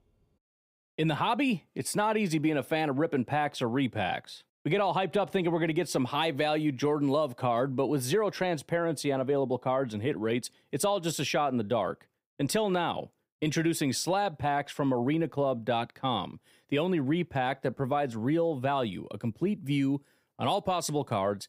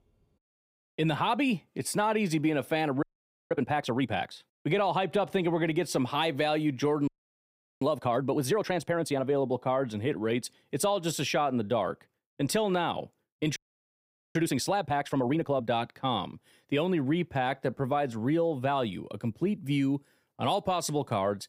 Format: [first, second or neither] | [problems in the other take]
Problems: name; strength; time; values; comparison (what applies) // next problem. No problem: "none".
first | audio freezing; at 3 s, at 7 s for 0.5 s and at 14 s for 1 s